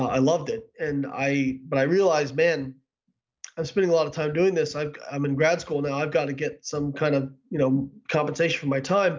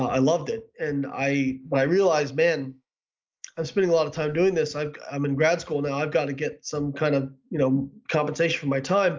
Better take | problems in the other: first | noise reduction (neural mask model Resemble Enhance denoiser)

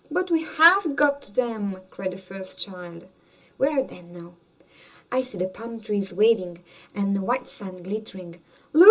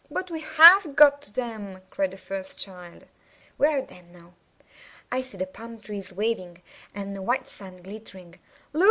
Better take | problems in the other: second | room echo; dies away in 0.2 s

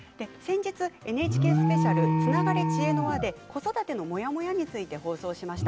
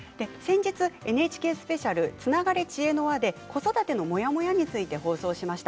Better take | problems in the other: second | background sound (Alarm); 2 dB above the speech

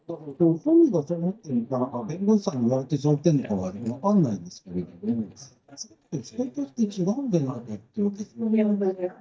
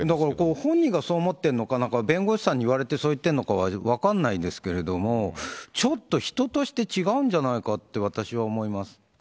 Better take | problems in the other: second | noise reduction (neural mask model DeepFilterNet 3)

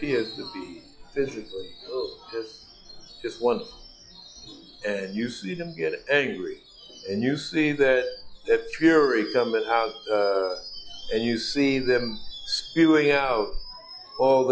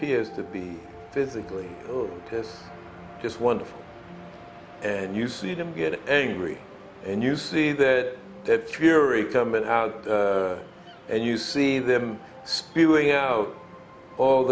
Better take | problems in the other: second | noise reduction (classical method log-MMSE)

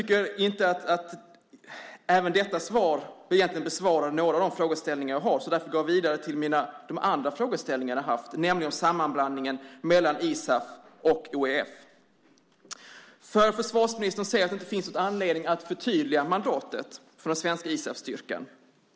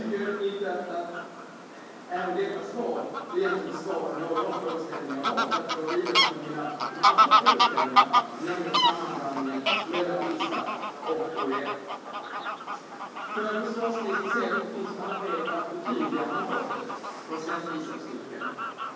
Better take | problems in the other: first | background sound (Fowl); 3 dB above the speech // room echo; dies away in 1.3 s

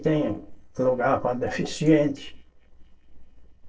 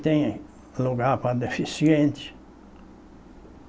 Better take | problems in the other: second | noise reduction (neural separator model SepFormer DNS4)

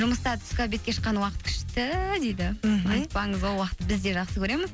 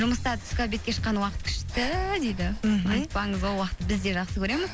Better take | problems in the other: first | background sound (Breathing); 14 dB below the speech

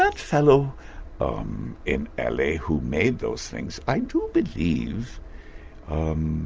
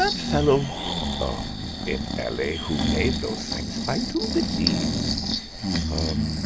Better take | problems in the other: first | background sound (Breathing); as loud as the speech

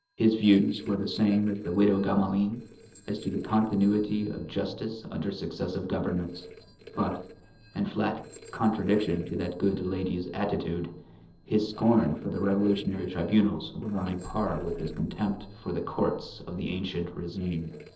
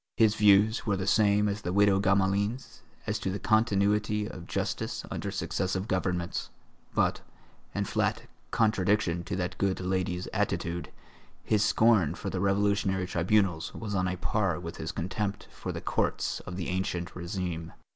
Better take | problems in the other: second | noise reduction (neural separator model SepFormer DNS4)

